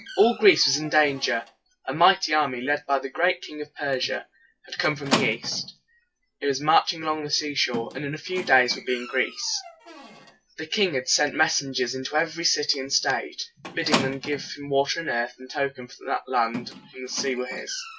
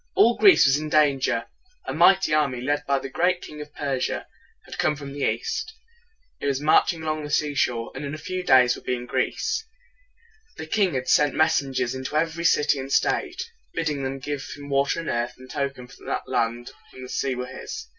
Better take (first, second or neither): second